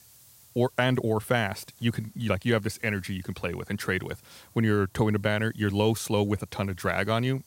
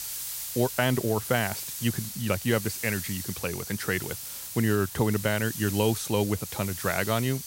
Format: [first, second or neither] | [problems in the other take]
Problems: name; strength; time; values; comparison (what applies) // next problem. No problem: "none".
first | hiss; loud; throughout; 6 dB below the speech; faint in the first